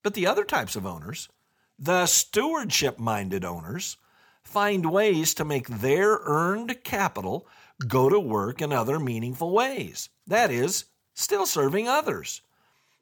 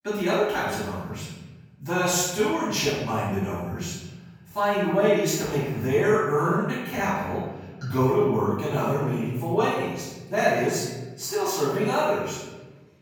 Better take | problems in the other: first | off-mic speech; far // room echo; strong; dies away in 1.3 s

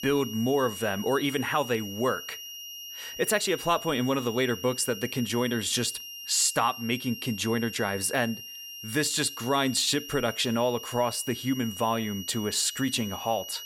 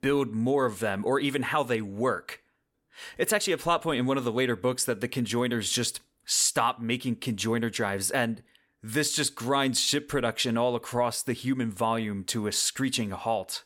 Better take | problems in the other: second | high-pitched whine; noticeable; throughout; 3 kHz, 10 dB below the speech

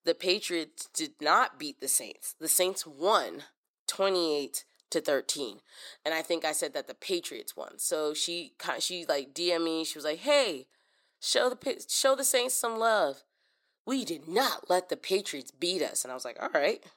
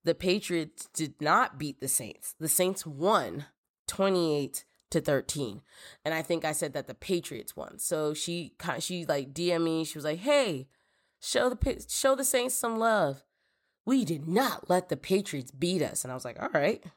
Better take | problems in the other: second | thin; somewhat; fading below 300 Hz

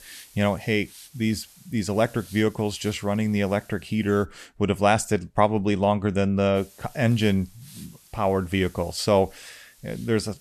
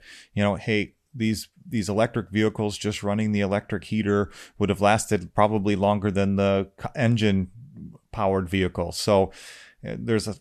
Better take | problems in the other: second | hiss; faint; until 4 s and from 6.5 s on; 25 dB below the speech

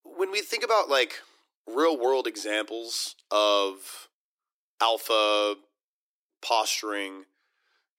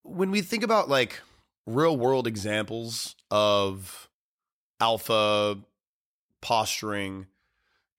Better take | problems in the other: second | thin; somewhat; fading below 300 Hz

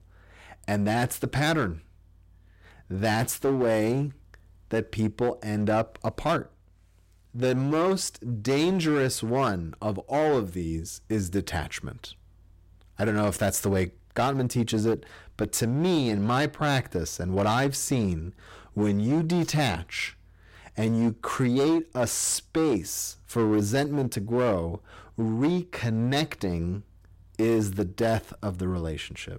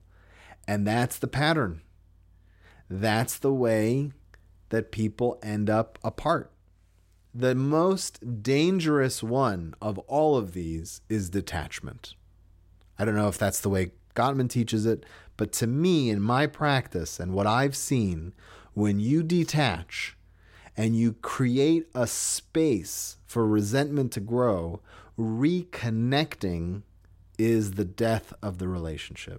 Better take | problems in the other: second | distortion; slight; 9% of the sound clipped

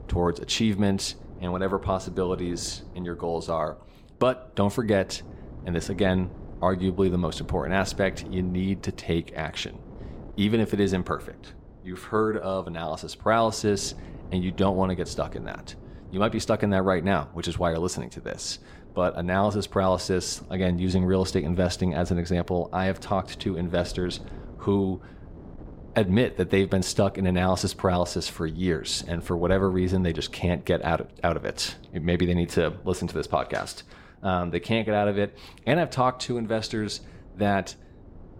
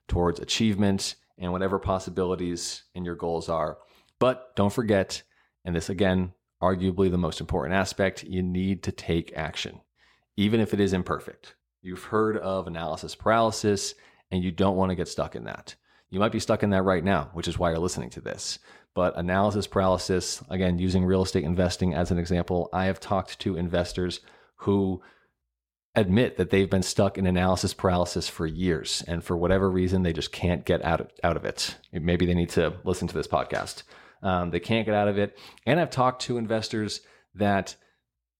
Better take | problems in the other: second | wind noise on the microphone; occasional gusts; 25 dB below the speech

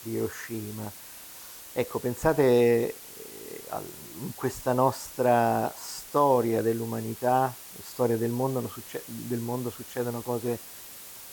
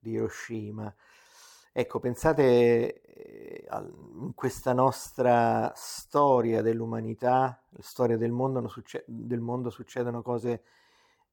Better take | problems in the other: second | hiss; noticeable; throughout; 15 dB below the speech

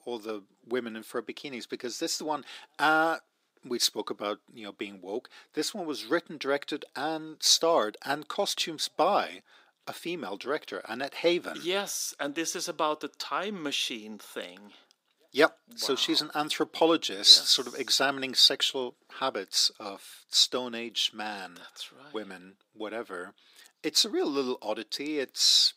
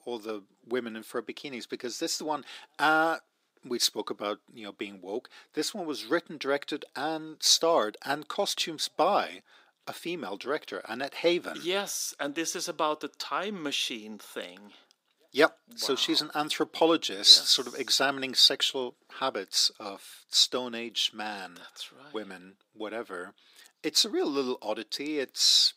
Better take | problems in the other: neither | thin; somewhat; fading below 250 Hz; the same in both

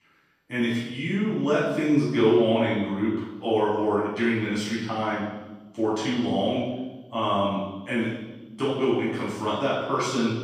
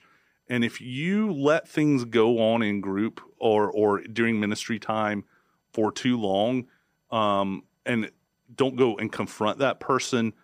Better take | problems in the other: second | off-mic speech; far // room echo; strong; dies away in 1.1 s

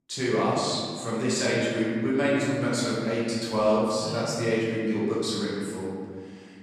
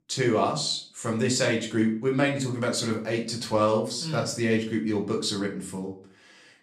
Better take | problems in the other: second | room echo; strong; dies away in 1.9 s; slight in the second // off-mic speech; far; far in the second

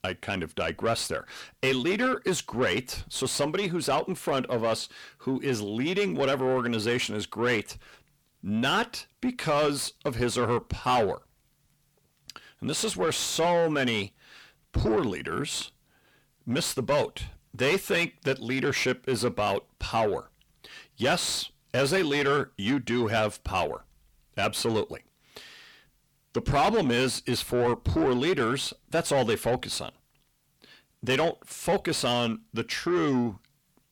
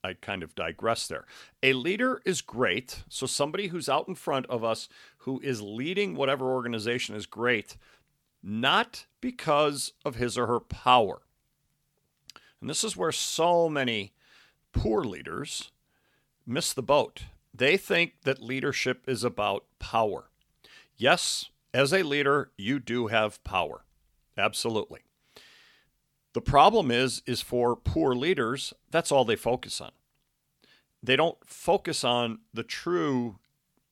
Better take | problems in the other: second | distortion; heavy; 7 dB below the speech

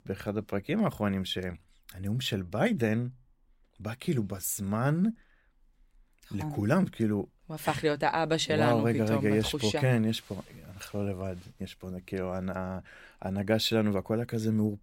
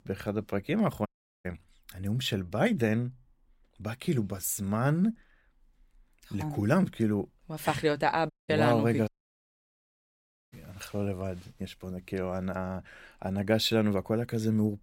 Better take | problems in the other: first | audio cutting out; at 1 s, at 8.5 s and at 9 s for 1.5 s

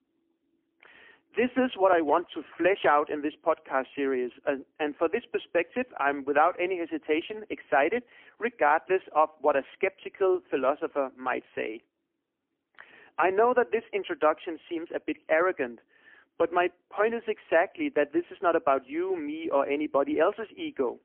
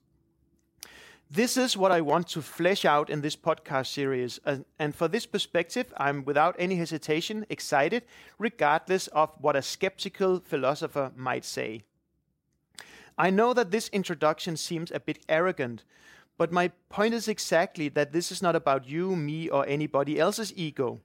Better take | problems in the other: second | phone-call audio; poor line; nothing above 3 kHz

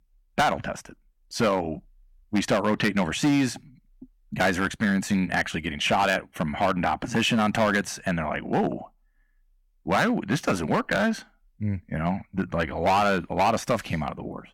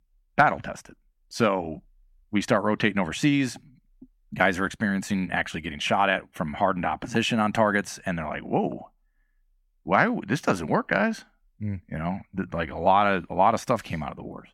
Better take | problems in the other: second | distortion; heavy; 5% of the sound clipped

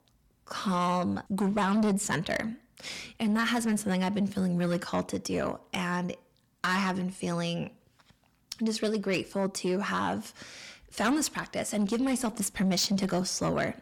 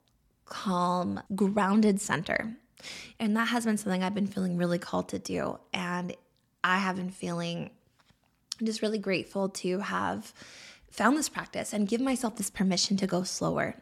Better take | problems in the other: second | distortion; slight; 10 dB below the speech

